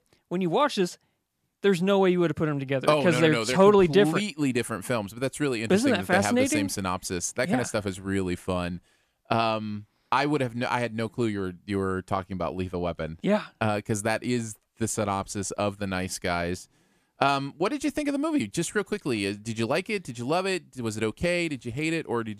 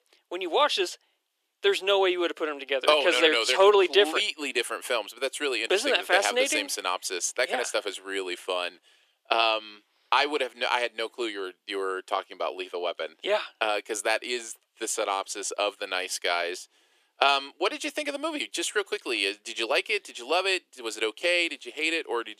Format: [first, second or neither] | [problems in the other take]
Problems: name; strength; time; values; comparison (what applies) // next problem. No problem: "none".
first | thin; very; fading below 350 Hz